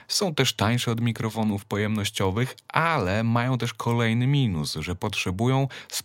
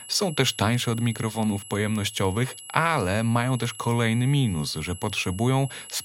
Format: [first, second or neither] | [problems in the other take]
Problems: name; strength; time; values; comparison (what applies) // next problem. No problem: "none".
first | high-pitched whine; noticeable; throughout; 11 kHz, 15 dB below the speech